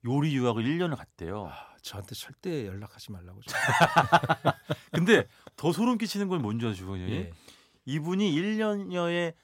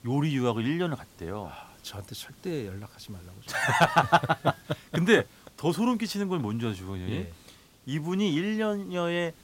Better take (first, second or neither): first